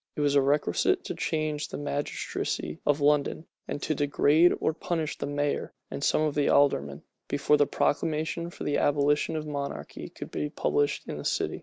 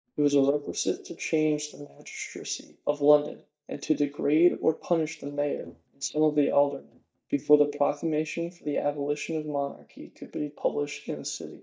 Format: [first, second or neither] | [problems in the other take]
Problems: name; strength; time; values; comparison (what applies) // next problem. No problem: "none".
first | noise reduction (neural mask model DeepFilterNet 3)